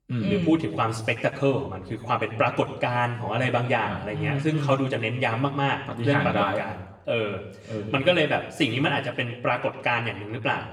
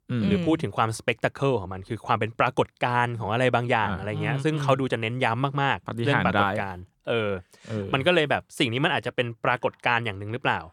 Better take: second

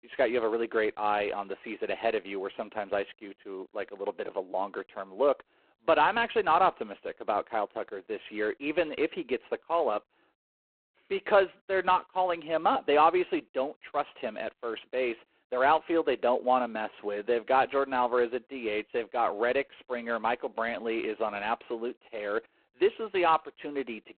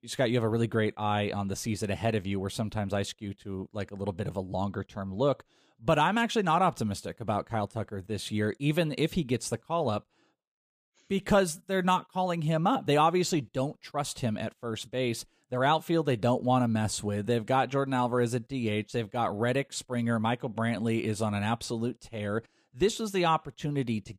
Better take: second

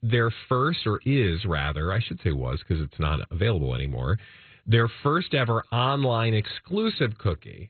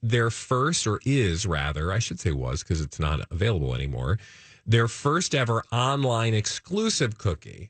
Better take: second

